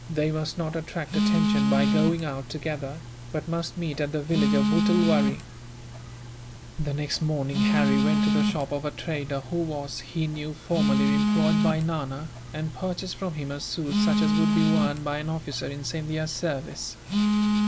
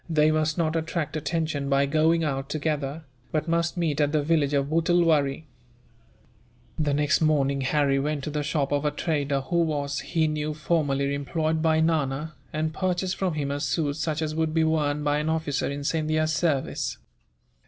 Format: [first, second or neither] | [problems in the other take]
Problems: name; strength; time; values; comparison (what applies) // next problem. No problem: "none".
second | background sound (Telephone); 2 dB above the speech